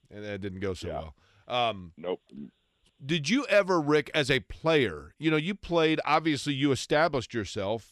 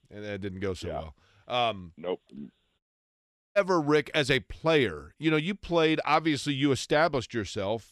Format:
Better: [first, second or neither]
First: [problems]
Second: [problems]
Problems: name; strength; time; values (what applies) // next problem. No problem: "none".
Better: first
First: none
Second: audio cutting out; at 3 s for 1 s